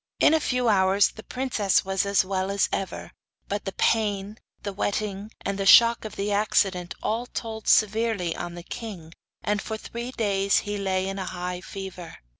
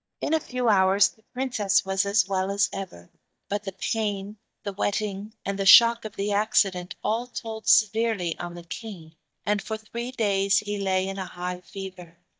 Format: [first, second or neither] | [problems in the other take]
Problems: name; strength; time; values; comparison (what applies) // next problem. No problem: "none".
first | noise reduction (neural mask model DeepFilterNet 3)